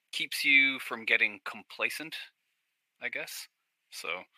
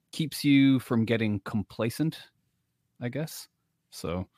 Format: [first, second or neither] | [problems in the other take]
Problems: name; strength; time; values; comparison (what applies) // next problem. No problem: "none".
second | thin; very; fading below 700 Hz